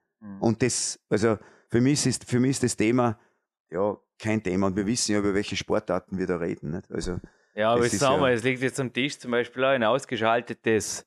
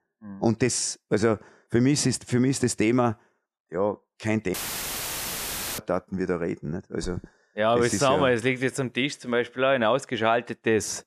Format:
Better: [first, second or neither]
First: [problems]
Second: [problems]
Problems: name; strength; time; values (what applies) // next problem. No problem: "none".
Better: first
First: none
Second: audio cutting out; filled with static; at 4.5 s for 1 s